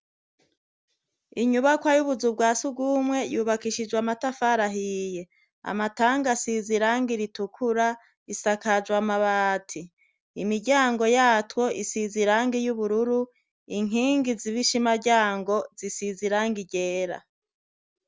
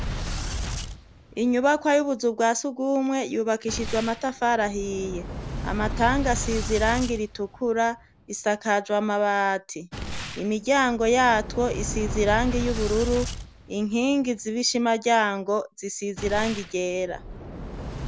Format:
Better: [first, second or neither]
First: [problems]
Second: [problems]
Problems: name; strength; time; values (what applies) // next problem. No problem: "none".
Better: first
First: none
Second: background sound (Boom); 9 dB below the speech